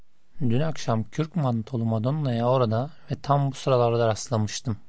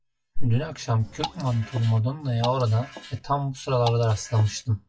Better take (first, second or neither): first